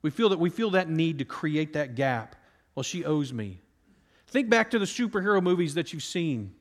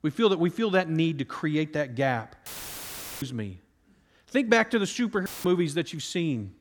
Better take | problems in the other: first | audio cutting out; filled with static; at 2.5 s for 1 s and at 5.5 s

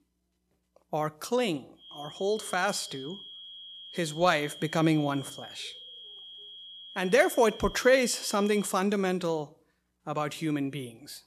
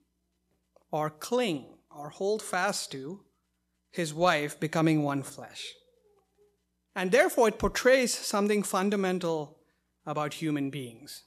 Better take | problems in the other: second | high-pitched whine; noticeable; from 2 to 8.5 s; 3.5 kHz, 15 dB below the speech

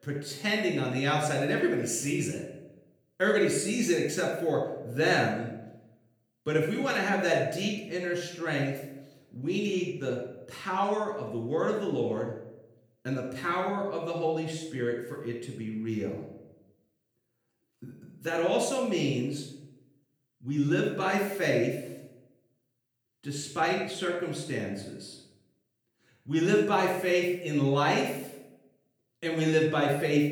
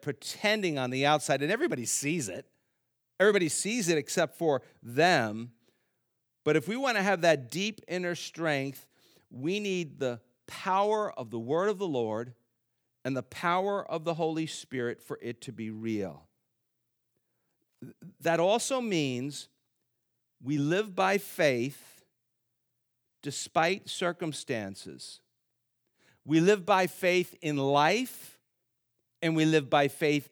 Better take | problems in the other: second | off-mic speech; far // room echo; noticeable; dies away in 0.7 s

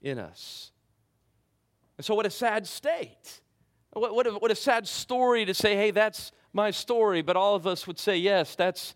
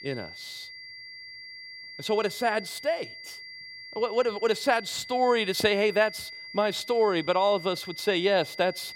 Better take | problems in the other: first | high-pitched whine; noticeable; throughout; 2 kHz, 15 dB below the speech

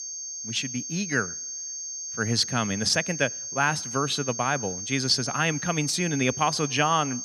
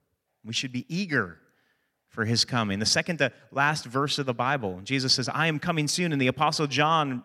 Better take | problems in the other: second | high-pitched whine; loud; throughout; 6.5 kHz, 6 dB below the speech

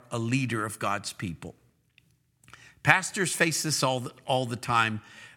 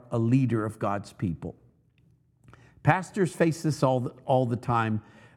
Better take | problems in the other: first | muffled; slightly; fading above 1.5 kHz

